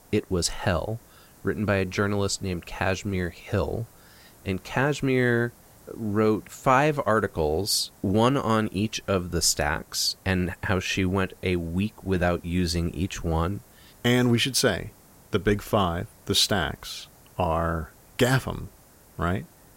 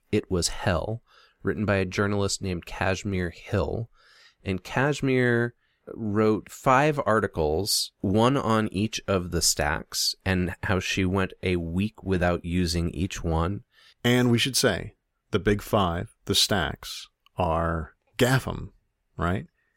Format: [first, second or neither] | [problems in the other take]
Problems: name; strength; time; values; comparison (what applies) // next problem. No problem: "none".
second | hiss; faint; throughout; 25 dB below the speech